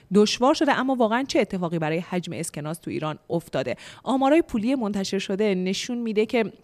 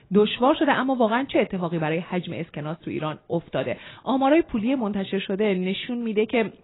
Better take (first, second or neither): first